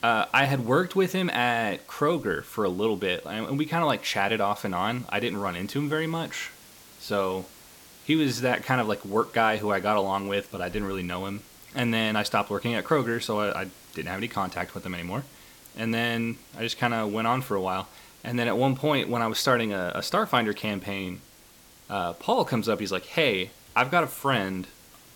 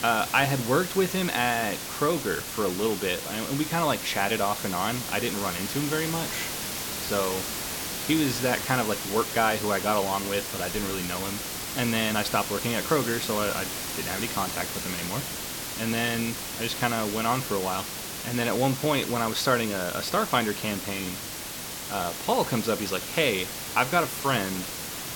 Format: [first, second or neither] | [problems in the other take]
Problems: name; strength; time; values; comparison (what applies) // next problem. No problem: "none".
first | hiss; loud; throughout; 4 dB below the speech; faint in the first